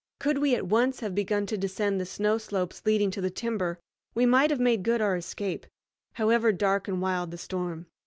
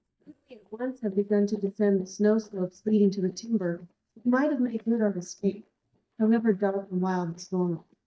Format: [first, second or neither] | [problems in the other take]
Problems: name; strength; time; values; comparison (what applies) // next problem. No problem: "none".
first | noise reduction (neural mask model DeepFilterNet 3)